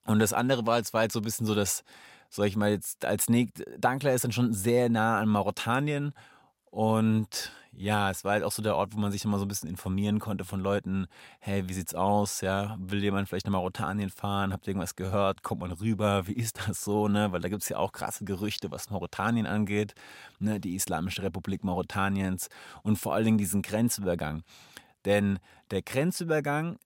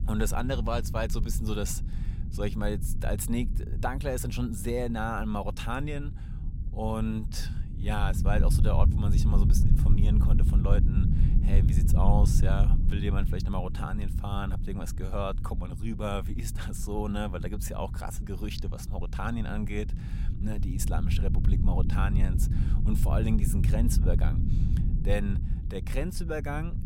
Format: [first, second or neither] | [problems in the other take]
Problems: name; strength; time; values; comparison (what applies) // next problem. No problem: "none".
first | low rumble; loud; throughout; 8 dB below the speech